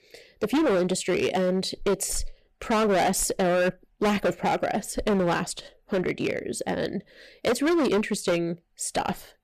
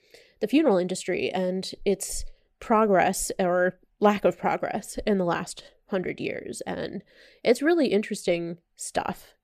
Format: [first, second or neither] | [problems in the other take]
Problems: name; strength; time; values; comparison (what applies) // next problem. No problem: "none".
second | distortion; heavy; 14% of the sound clipped